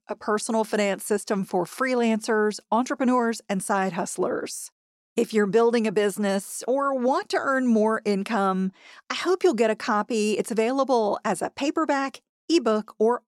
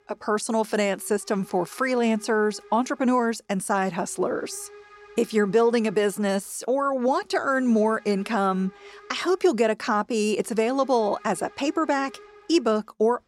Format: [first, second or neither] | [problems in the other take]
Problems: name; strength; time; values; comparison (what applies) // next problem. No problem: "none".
first | hiss; faint; throughout; 25 dB below the speech